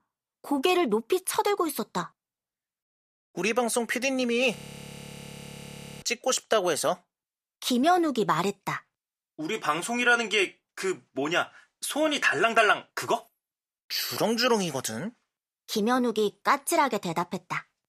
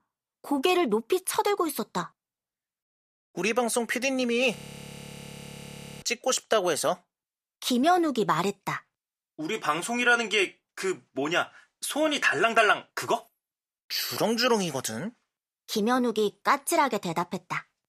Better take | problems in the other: neither | audio freezing; at 4.5 s for 1.5 s; the same in both

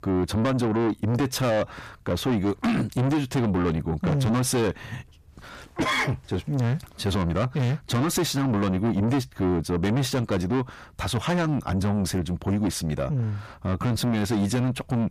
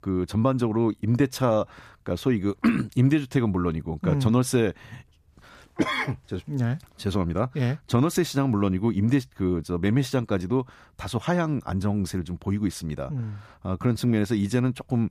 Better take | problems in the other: second | distortion; heavy; 6 dB below the speech

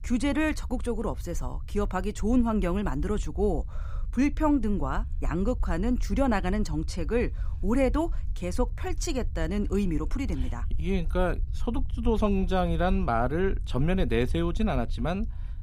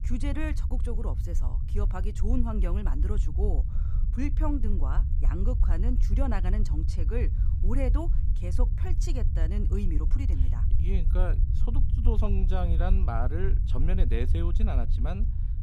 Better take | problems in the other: first | low rumble; loud; throughout; 8 dB below the speech; faint in the first

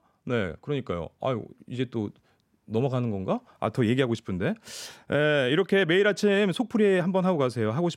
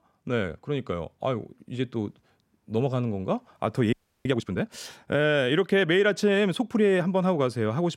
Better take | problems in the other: first | audio freezing; at 4 s

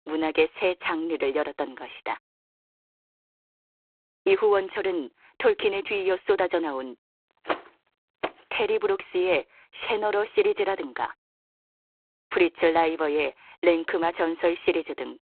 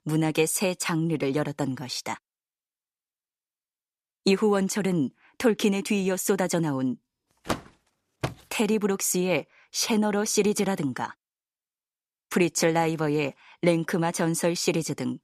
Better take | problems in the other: second | phone-call audio; poor line

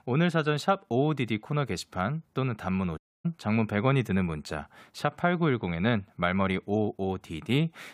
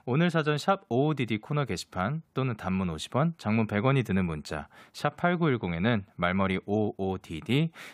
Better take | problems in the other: second | audio cutting out; at 3 s

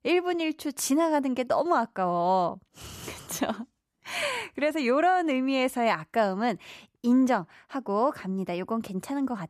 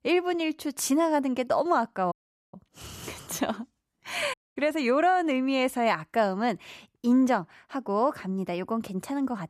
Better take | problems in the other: first | audio cutting out; at 2 s and at 4.5 s

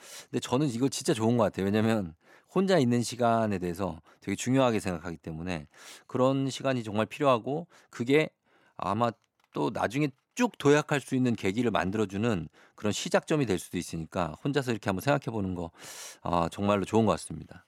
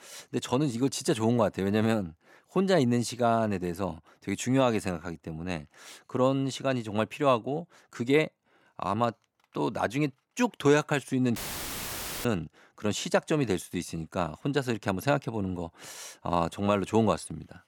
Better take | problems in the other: first | audio cutting out; filled with static; at 11 s for 1 s

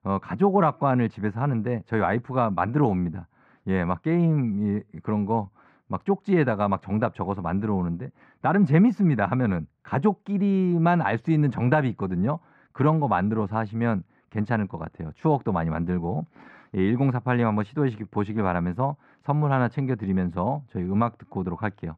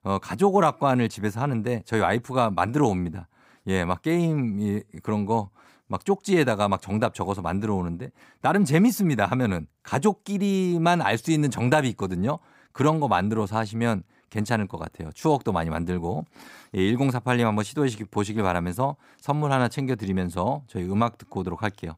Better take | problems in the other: second | muffled; very; fading above 1.5 kHz

